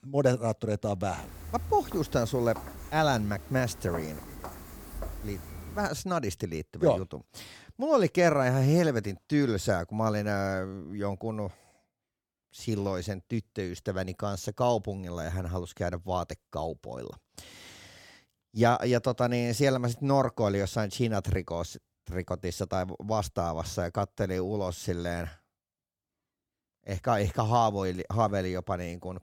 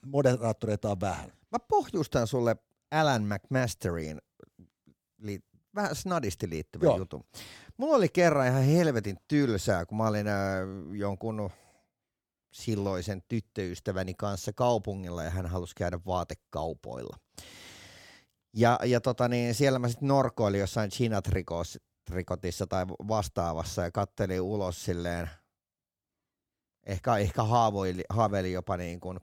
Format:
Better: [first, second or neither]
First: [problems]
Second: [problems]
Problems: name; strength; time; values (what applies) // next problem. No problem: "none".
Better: second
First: footsteps; faint; from 1 to 6 s; peak 10 dB below the speech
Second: none